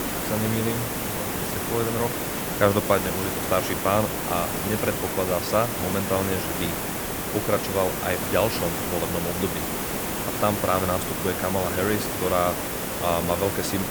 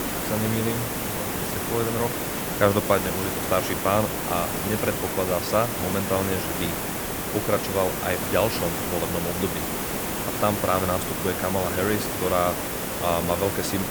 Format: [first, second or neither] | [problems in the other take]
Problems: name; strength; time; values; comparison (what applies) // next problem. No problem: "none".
neither | hiss; loud; throughout; 1 dB below the speech; the same in both